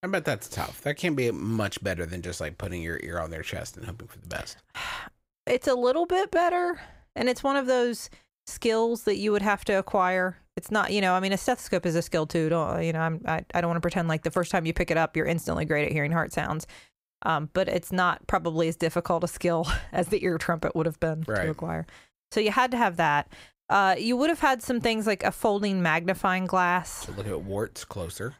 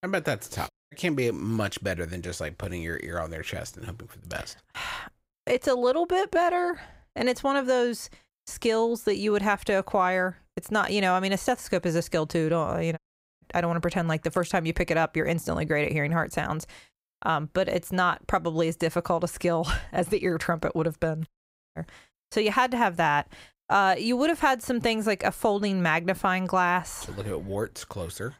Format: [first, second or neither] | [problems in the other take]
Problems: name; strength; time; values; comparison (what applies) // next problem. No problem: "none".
first | audio cutting out; at 0.5 s, at 13 s and at 21 s